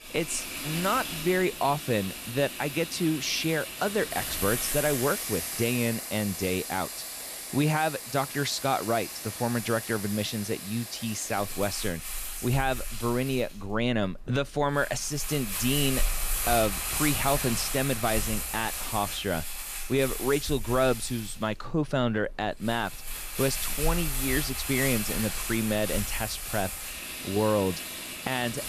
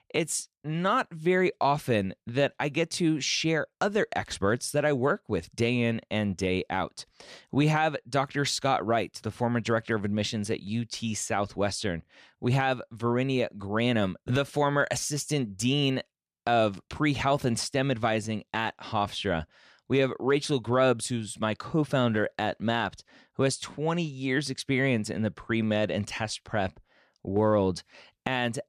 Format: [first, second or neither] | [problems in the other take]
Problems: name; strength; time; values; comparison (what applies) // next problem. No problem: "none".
second | household noises; loud; throughout; 4 dB below the speech